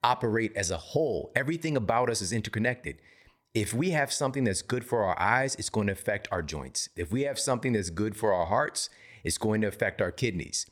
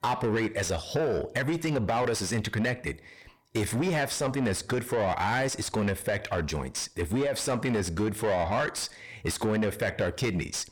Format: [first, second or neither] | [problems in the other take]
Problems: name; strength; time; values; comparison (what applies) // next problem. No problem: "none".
first | distortion; heavy; 7 dB below the speech